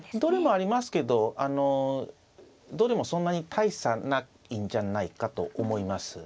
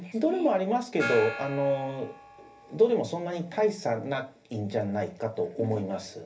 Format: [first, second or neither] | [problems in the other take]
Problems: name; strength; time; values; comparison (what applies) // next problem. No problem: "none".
first | background sound (Gong); 14 dB below the speech // room echo; dies away in 0.3 s